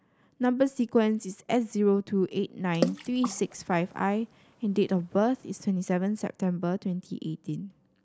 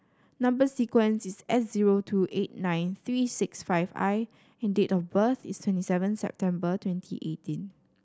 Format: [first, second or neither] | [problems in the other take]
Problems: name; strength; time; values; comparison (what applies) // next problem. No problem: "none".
second | background sound (Water / Splash, splatter); 9 dB below the speech